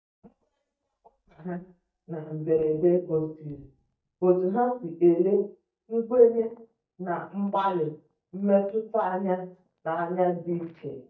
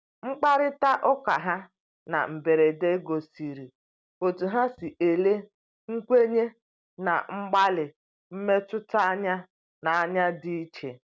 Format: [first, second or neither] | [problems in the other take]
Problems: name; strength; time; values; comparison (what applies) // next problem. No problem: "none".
second | noise reduction (neural mask model DeepFilterNet 3)